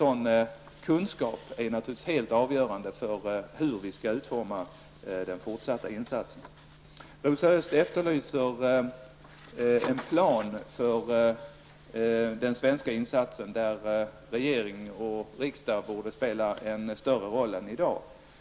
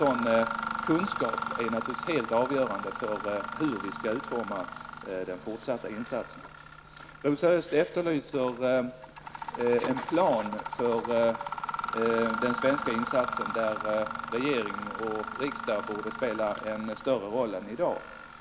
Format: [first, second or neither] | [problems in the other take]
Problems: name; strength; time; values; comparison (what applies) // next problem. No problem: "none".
first | background sound (Mechanisms); 7 dB below the speech